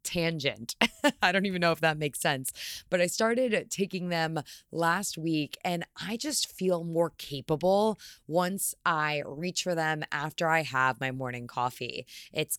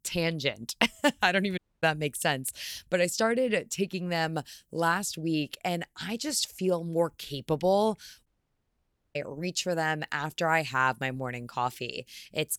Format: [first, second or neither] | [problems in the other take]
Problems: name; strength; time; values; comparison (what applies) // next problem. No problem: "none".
first | audio cutting out; at 1.5 s and at 8.5 s for 1 s